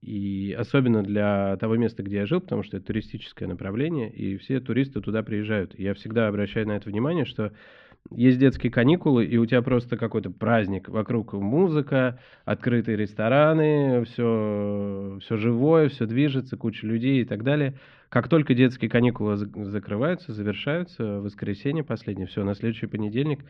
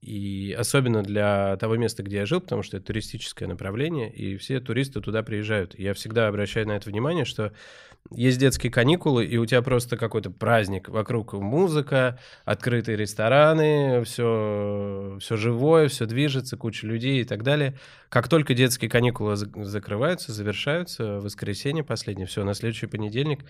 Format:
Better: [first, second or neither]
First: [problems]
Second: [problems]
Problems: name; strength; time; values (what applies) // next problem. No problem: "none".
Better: second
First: muffled; very; fading above 3.5 kHz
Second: none